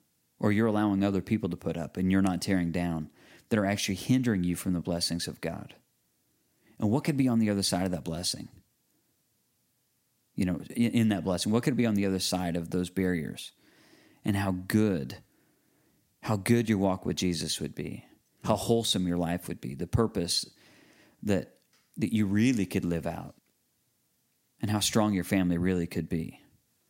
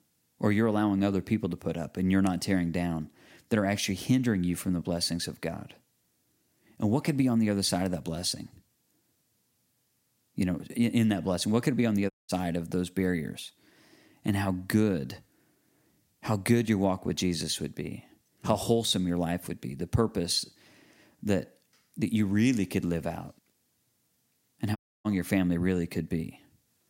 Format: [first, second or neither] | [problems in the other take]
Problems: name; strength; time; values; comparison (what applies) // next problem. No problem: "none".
first | audio cutting out; at 12 s and at 25 s